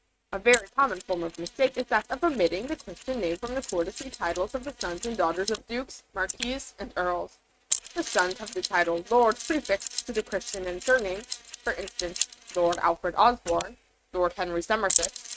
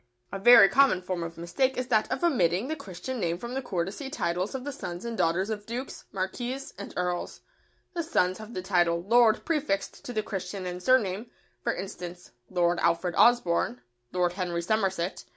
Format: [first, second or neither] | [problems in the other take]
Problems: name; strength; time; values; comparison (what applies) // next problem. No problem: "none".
second | noise reduction (neural mask model RNNoise)